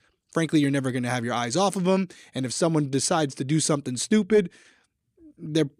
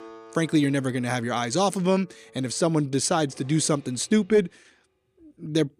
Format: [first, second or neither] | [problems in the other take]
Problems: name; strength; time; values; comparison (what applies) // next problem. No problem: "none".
first | background music; faint; throughout; 25 dB below the speech